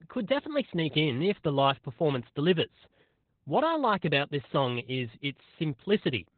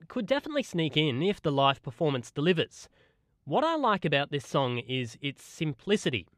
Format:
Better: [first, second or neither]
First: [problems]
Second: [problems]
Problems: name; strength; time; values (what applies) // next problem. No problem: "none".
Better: second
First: garbled, watery; badly; nothing above 3.5 kHz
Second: none